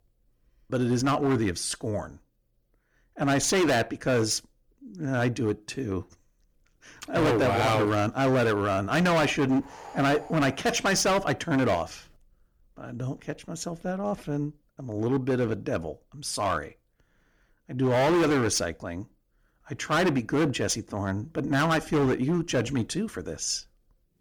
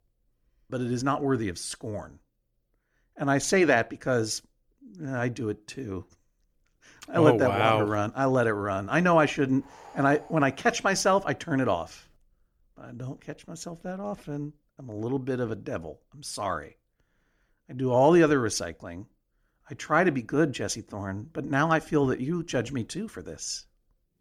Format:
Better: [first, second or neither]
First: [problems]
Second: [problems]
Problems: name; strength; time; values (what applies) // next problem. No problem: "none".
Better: second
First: distortion; heavy; 11% of the sound clipped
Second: none